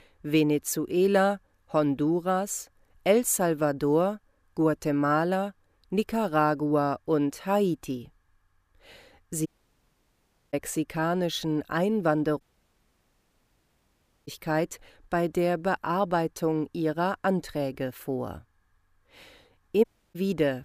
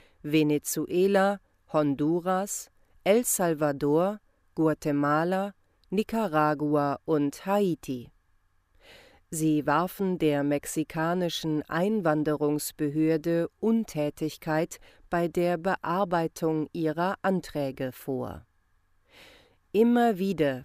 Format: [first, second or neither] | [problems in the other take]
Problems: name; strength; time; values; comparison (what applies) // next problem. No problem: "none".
second | audio cutting out; at 9.5 s for 1 s, at 12 s for 2 s and at 20 s